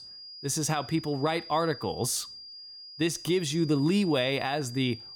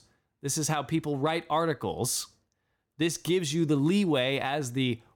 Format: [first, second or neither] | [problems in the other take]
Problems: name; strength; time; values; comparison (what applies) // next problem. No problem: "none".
second | high-pitched whine; noticeable; throughout; 5 kHz, 15 dB below the speech